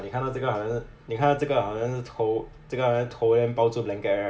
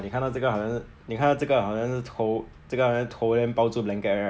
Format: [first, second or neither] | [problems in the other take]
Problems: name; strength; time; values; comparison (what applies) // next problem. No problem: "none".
second | room echo; dies away in 0.3 s